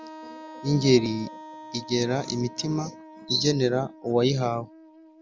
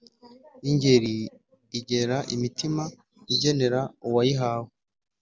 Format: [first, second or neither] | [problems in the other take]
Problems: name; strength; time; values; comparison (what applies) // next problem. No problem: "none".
second | background sound (Wind instrument, woodwind instrument); 17 dB below the speech